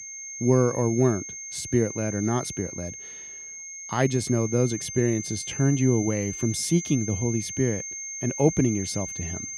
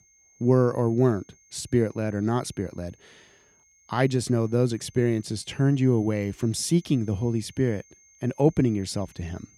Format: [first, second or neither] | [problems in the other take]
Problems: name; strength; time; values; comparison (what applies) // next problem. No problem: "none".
second | high-pitched whine; loud; throughout; 6.5 kHz, 8 dB below the speech; faint in the second